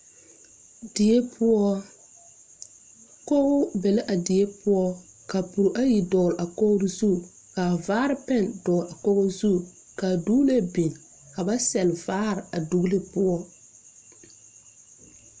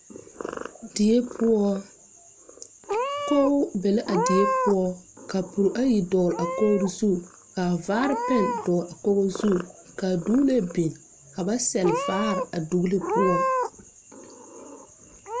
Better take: first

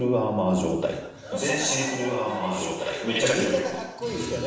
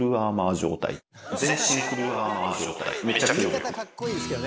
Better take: second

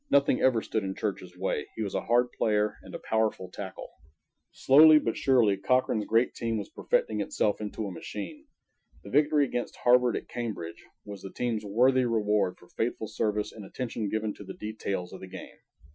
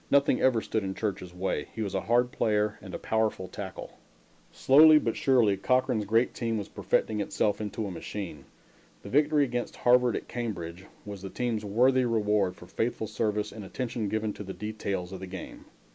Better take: second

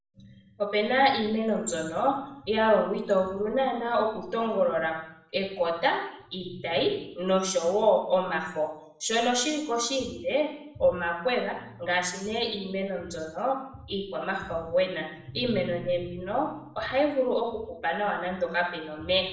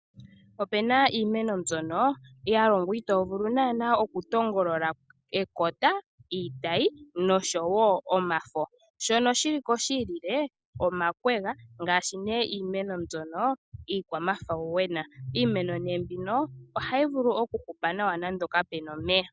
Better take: second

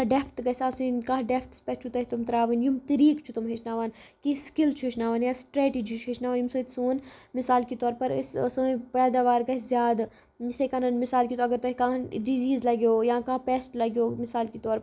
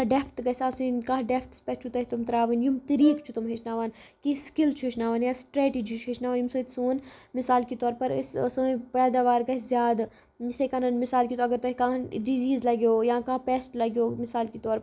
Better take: first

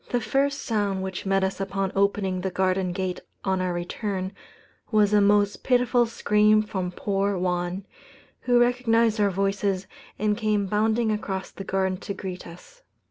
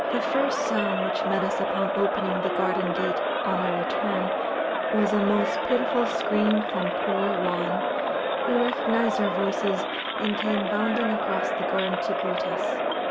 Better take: first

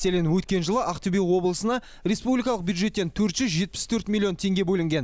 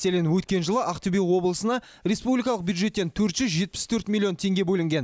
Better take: second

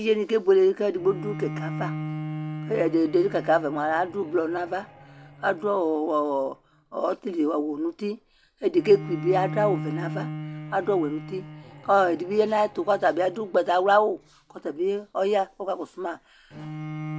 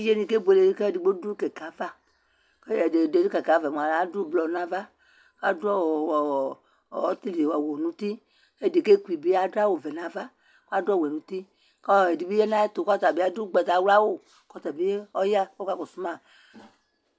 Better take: second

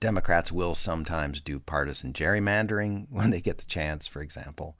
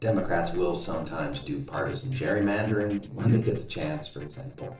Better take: first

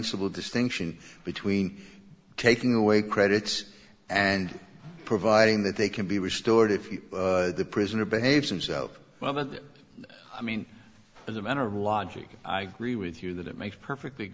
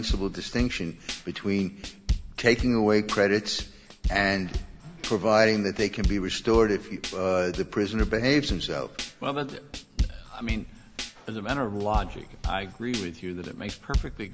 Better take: first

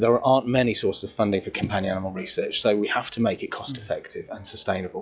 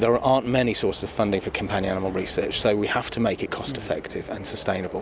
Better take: second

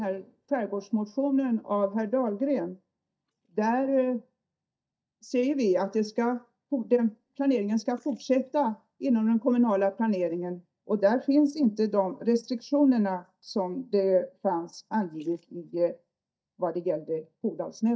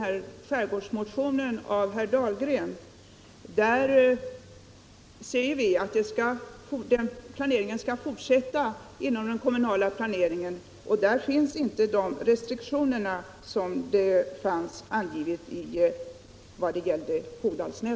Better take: second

